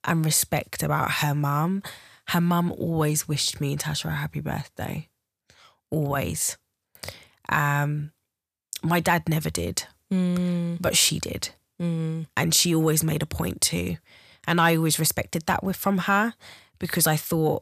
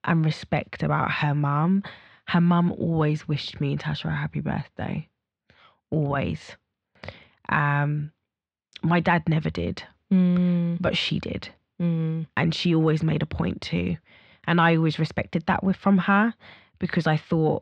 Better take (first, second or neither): first